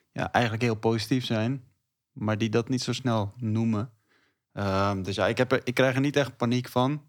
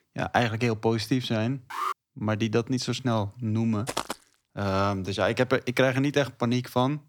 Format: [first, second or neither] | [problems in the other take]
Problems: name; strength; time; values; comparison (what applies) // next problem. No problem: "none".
first | alarm; noticeable; at 1.5 s; peak 5 dB below the speech // footsteps; noticeable; at 4 s; peak 6 dB below the speech